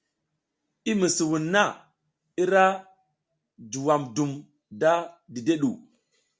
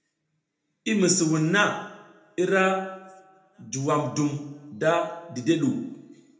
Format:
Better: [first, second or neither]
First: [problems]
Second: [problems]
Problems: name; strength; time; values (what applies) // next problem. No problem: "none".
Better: first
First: none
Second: room echo; dies away in 0.8 s